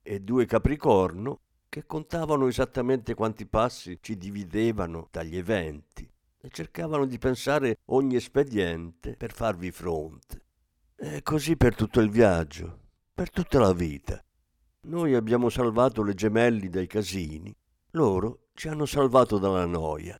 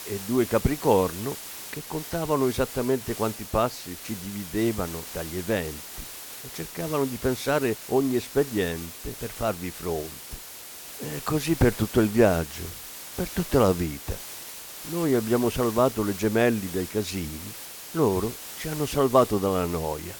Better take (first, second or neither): first